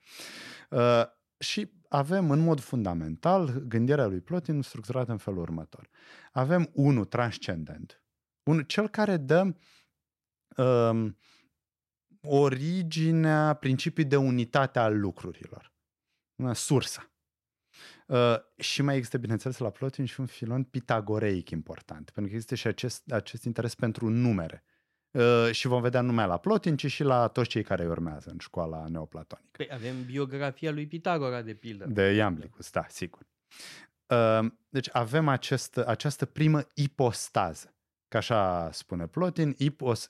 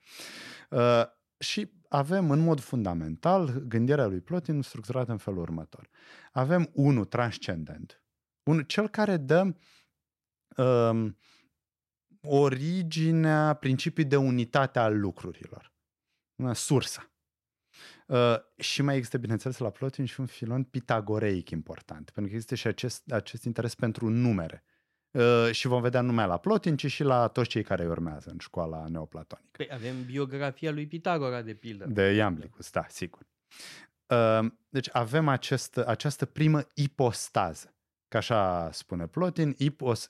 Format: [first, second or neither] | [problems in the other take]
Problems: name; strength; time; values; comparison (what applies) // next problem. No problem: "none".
neither | none